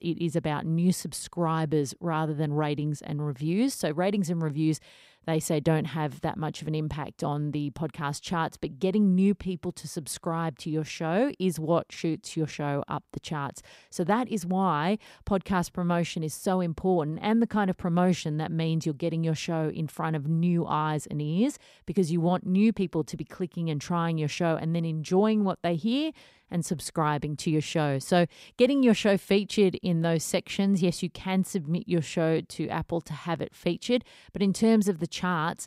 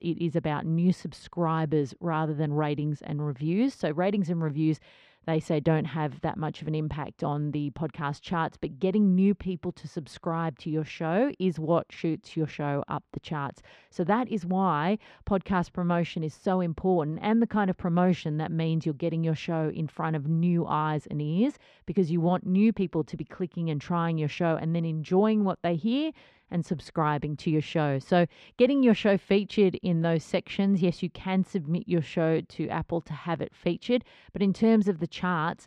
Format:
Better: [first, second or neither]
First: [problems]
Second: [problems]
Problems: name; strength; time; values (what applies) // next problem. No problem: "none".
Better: first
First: none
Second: muffled; slightly; fading above 3 kHz